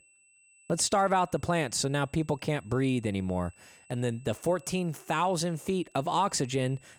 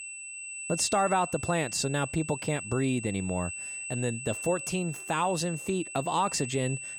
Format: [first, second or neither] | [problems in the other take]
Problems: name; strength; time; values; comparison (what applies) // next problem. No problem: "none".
first | high-pitched whine; loud; throughout; 2.5 kHz, 7 dB below the speech; faint in the first